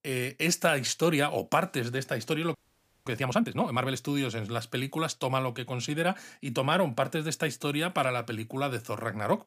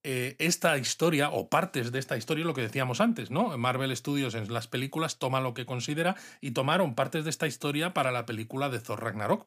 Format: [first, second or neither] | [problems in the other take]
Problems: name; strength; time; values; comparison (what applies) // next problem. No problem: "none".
second | audio freezing; at 2.5 s for 0.5 s